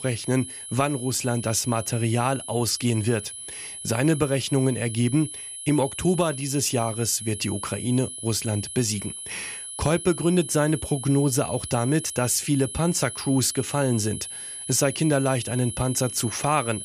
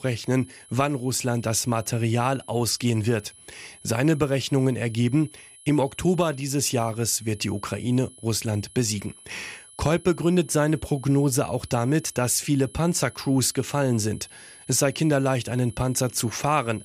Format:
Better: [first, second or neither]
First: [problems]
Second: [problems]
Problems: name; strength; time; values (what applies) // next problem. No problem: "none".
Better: second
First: high-pitched whine; loud; throughout; 10.5 kHz, 9 dB below the speech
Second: high-pitched whine; faint; throughout; 10.5 kHz, 20 dB below the speech